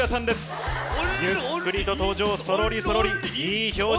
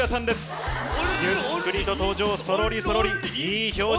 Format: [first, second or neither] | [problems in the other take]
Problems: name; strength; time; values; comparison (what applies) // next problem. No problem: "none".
first | background sound (Gasp); 13 dB below the speech